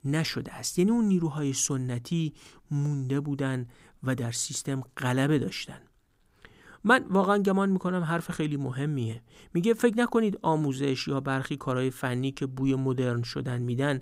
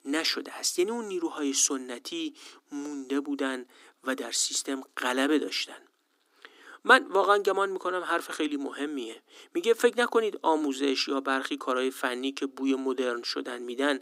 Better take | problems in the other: first | thin; somewhat; fading below 300 Hz

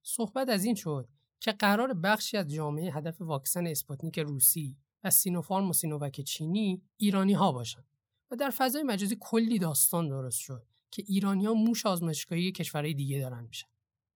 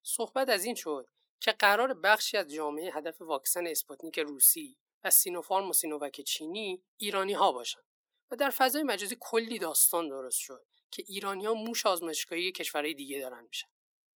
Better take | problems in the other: first | thin; very; fading below 300 Hz

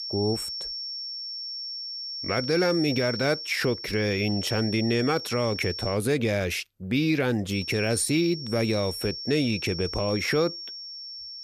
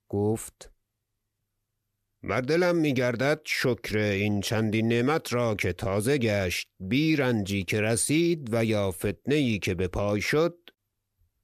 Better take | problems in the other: second | high-pitched whine; loud; until 6 s and from 7.5 s on; 5.5 kHz, 7 dB below the speech

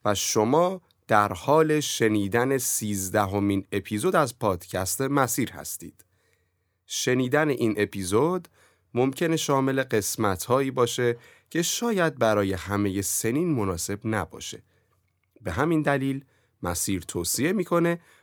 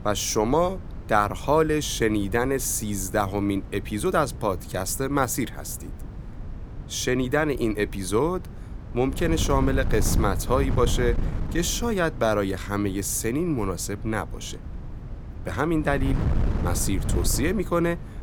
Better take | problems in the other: first | wind noise on the microphone; occasional gusts; 15 dB below the speech

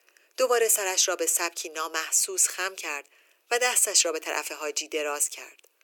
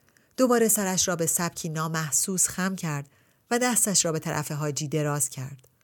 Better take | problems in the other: second | thin; very; fading below 350 Hz

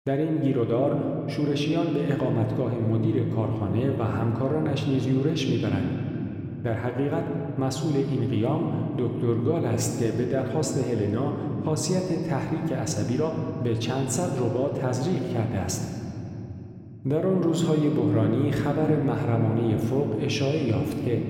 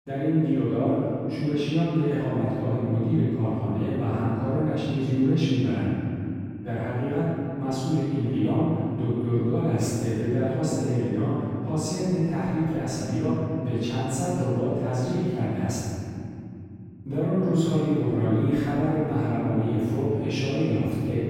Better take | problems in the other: first | room echo; strong; dies away in 3 s; slight in the first // off-mic speech; far

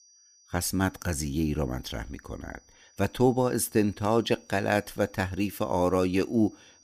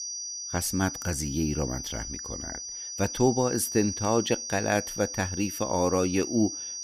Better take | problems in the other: first | high-pitched whine; loud; throughout; 6 kHz, 6 dB below the speech; faint in the first

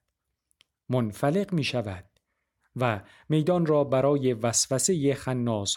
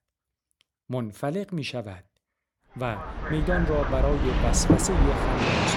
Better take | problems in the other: first | train or aircraft noise; very loud; from 3.5 s on; 4 dB above the speech

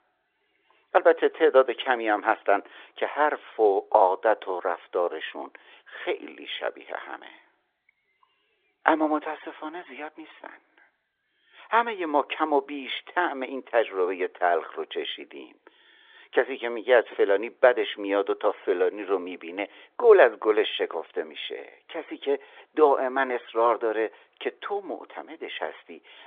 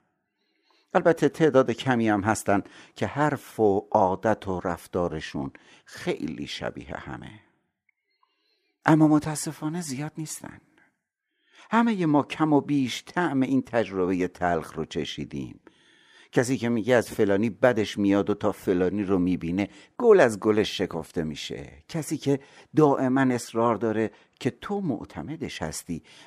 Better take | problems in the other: second | phone-call audio; nothing above 3.5 kHz

